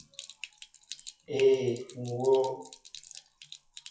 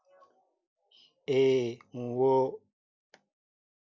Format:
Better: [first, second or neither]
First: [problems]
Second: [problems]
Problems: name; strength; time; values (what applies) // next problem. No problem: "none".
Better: second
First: noise reduction (classical method WPE with log-MMSE)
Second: none